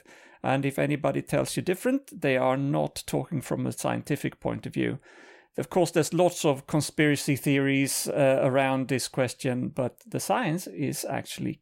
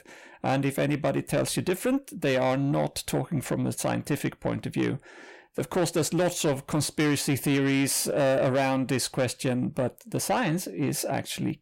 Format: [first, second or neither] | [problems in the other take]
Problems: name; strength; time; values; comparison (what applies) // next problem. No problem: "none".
first | distortion; slight; 10 dB below the speech